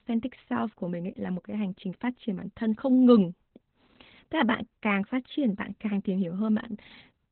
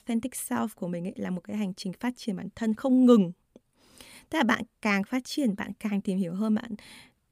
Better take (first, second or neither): second